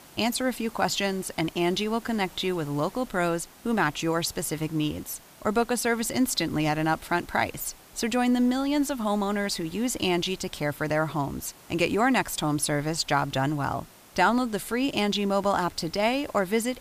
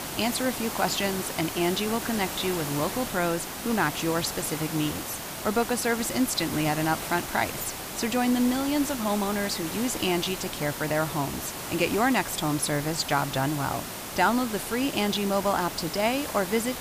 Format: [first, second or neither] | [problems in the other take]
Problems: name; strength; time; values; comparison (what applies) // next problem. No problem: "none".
first | hiss; loud; throughout; 6 dB below the speech; faint in the first